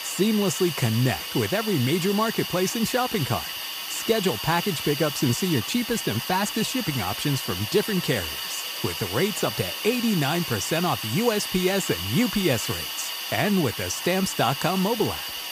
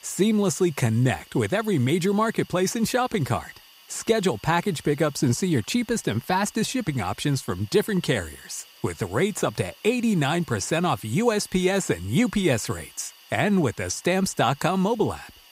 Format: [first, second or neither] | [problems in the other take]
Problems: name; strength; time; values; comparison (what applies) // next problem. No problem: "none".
second | hiss; loud; throughout; 4 dB below the speech; faint in the second